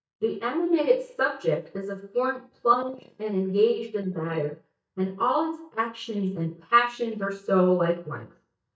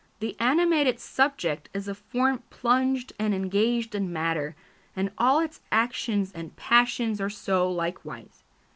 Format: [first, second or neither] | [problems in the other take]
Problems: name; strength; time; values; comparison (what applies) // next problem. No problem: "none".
second | noise reduction (neural mask model DeepFilterNet 3)